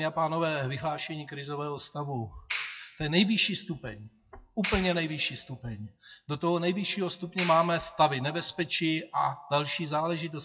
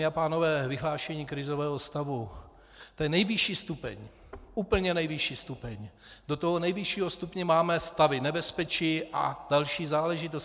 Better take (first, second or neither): second